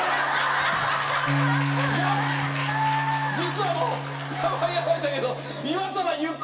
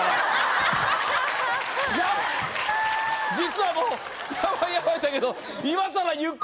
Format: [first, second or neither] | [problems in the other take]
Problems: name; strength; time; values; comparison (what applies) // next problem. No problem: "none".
second | background sound (Bass guitar); 6 dB below the speech // room echo; dies away in 2.3 s